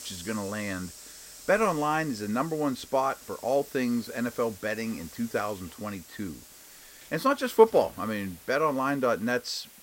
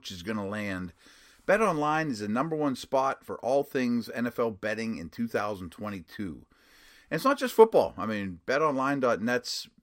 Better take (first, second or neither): second